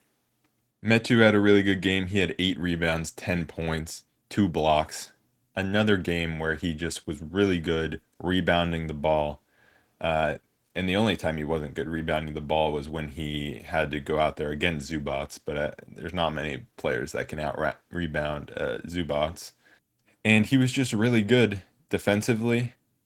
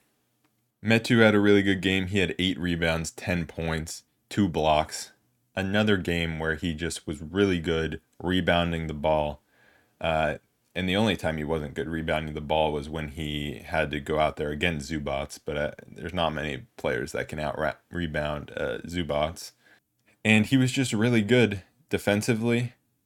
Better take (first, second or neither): second